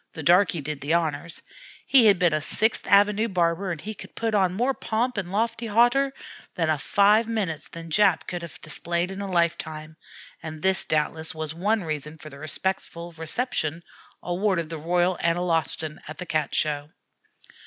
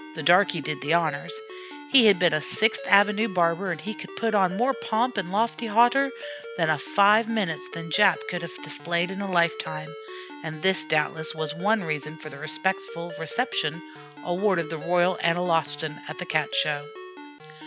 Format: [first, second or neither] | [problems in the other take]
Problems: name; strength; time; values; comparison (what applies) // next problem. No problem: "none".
first | background sound (Ringtone); 14 dB below the speech